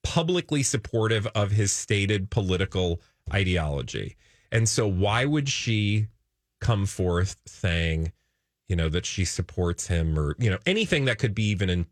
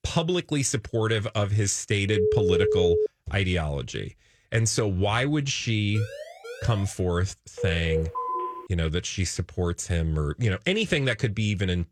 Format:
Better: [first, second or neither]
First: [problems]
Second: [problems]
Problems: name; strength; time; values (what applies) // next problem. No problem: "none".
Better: first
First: none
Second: phone ringing; loud; at 2 s; peak 3 dB above the speech // siren; faint; at 6 s; peak 10 dB below the speech // phone ringing; noticeable; from 7.5 to 8.5 s; peak 3 dB below the speech